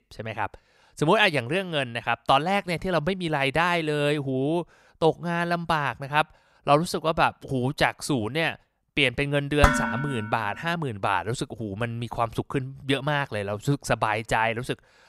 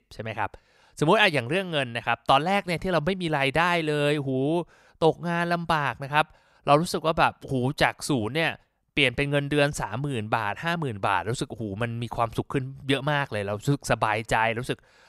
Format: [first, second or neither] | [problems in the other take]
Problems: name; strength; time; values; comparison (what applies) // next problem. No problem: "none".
second | clattering dishes; loud; at 9.5 s; peak 3 dB above the speech